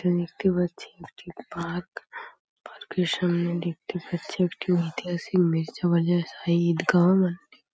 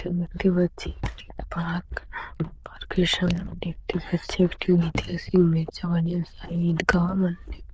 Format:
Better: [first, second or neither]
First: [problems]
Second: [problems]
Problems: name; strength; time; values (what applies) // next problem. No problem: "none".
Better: first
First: none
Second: noise reduction (neural diffusion model UNIVERSE++)